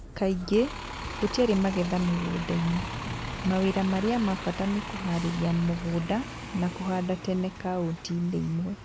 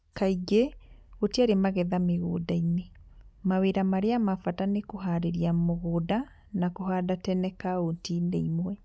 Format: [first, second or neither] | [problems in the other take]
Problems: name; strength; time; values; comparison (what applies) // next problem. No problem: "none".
second | background sound (Bus); 9 dB below the speech